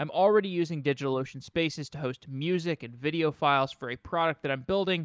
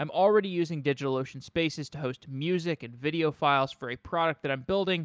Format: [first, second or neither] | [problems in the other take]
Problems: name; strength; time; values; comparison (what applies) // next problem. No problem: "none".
second | noise reduction (neural mask model Resemble Enhance denoiser)